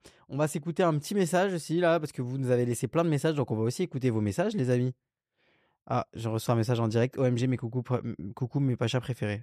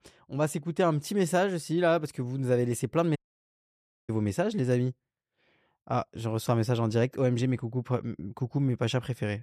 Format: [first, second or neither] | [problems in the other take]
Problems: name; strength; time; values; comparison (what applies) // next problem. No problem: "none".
first | audio cutting out; at 3 s for 1 s